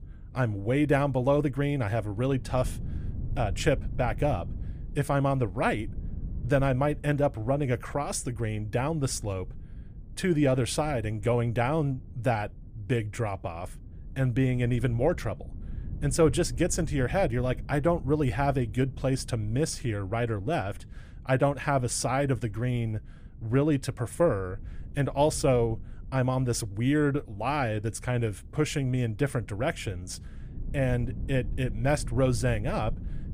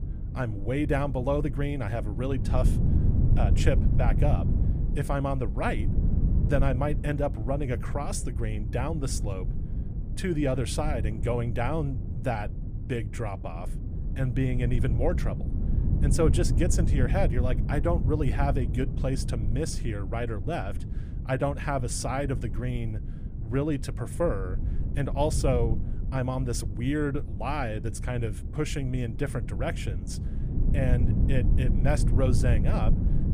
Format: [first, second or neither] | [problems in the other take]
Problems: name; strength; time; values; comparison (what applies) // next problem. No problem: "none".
first | wind noise on the microphone; heavy; 10 dB below the speech; occasional gusts in the first